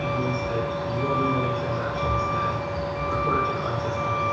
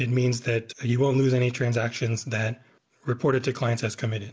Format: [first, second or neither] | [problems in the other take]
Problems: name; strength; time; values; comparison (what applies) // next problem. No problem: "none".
second | background sound (Truck); 4 dB above the speech // room echo; dies away in 0.7 s